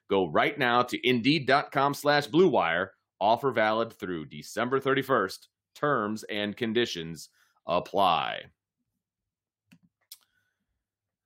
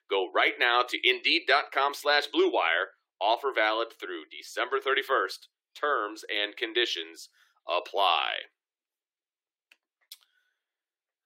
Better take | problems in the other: first | thin; very; fading below 300 Hz

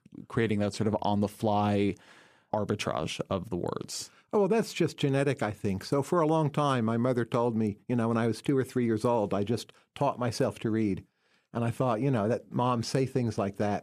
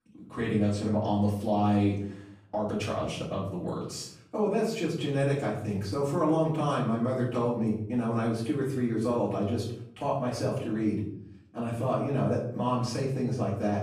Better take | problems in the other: first | off-mic speech; far // room echo; noticeable; dies away in 0.6 s

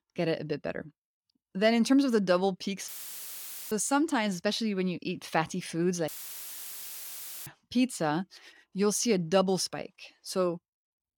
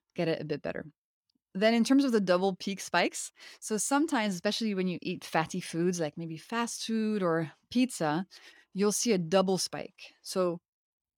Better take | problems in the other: second | audio cutting out; filled with static; at 3 s for 1 s and at 6 s for 1.5 s

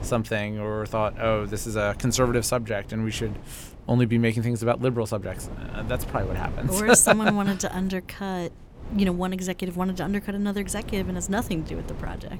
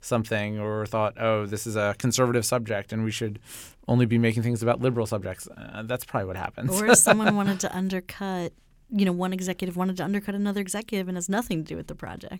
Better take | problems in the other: second | wind noise on the microphone; occasional gusts; 20 dB below the speech

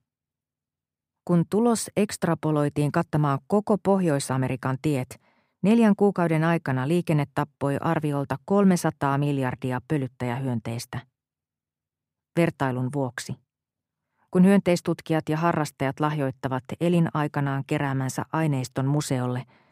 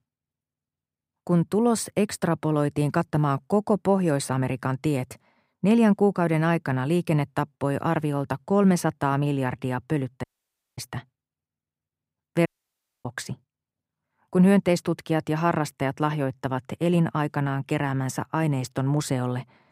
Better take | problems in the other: first | audio cutting out; at 10 s for 0.5 s and at 12 s for 0.5 s

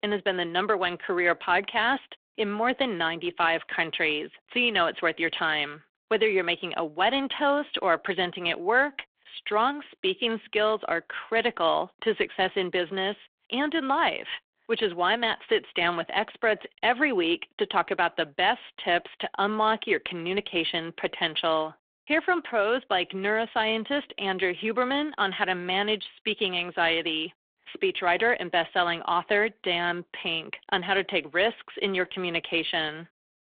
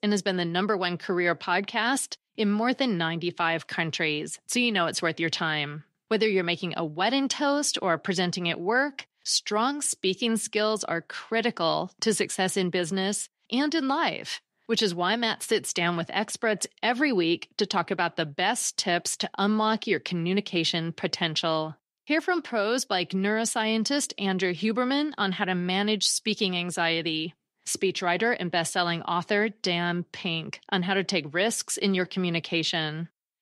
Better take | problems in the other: second | phone-call audio

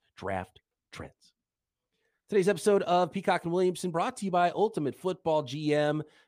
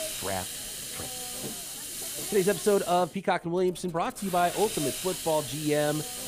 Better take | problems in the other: first | hiss; loud; throughout; 6 dB below the speech

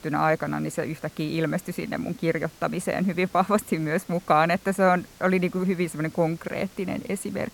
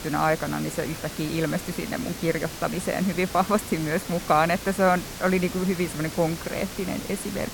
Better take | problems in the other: first | hiss; loud; throughout; 10 dB below the speech; faint in the first

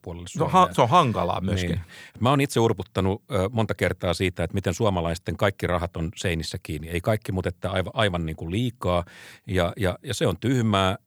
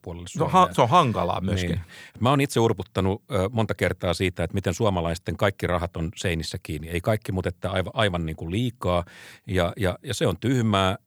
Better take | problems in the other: neither | none

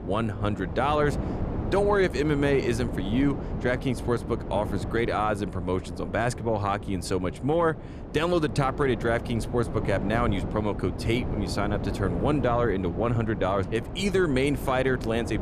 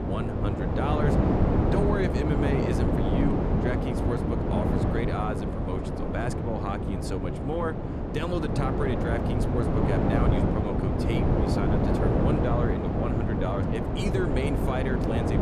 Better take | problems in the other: first | wind noise on the microphone; heavy; 2 dB above the speech; occasional gusts in the first

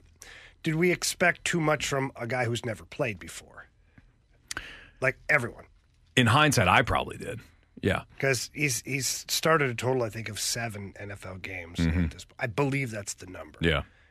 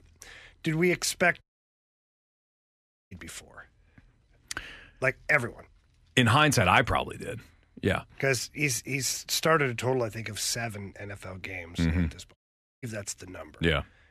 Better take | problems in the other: first | audio cutting out; at 1.5 s for 1.5 s and at 12 s

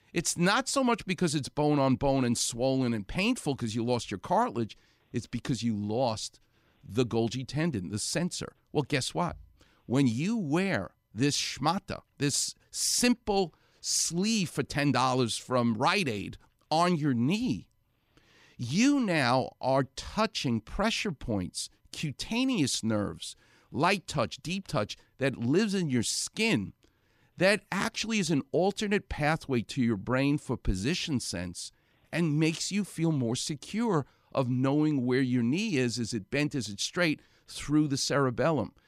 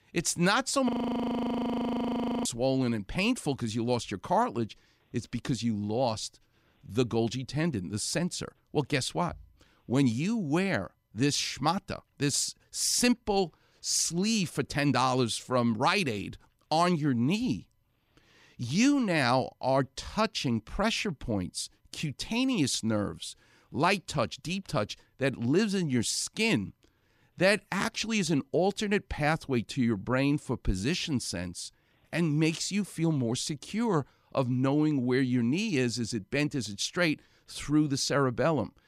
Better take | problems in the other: first | audio freezing; at 1 s for 1.5 s

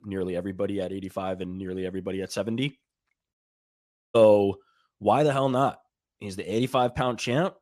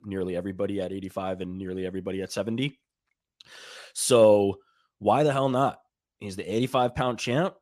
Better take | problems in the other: second | audio cutting out; at 3.5 s for 1 s

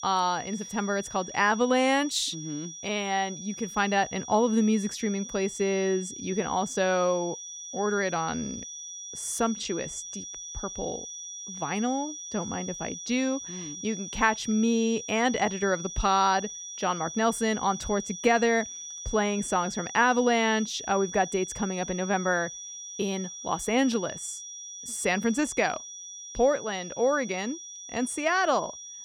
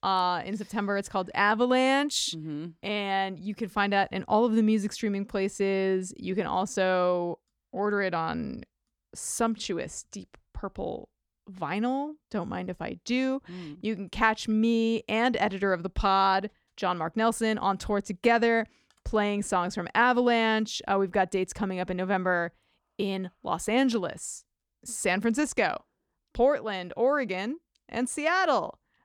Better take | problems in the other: second | high-pitched whine; noticeable; throughout; 6 kHz, 10 dB below the speech

